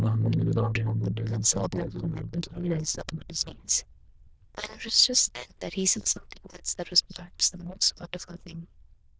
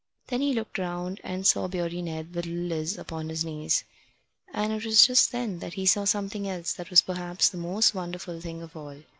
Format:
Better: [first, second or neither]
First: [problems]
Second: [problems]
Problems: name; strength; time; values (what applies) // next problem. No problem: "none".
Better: second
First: noise reduction (neural diffusion model UNIVERSE++)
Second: none